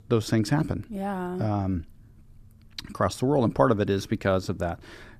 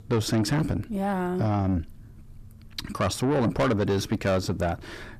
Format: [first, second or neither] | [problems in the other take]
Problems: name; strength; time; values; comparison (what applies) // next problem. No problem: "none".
first | distortion; heavy; 8 dB below the speech